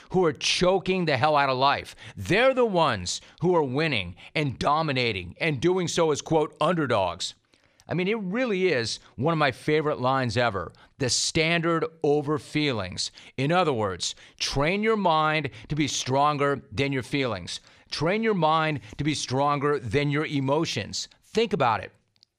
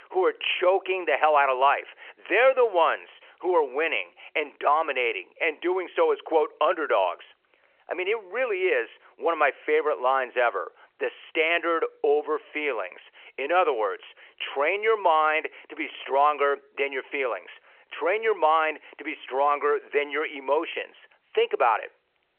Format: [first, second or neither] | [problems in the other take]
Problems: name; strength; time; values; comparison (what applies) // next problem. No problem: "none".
first | phone-call audio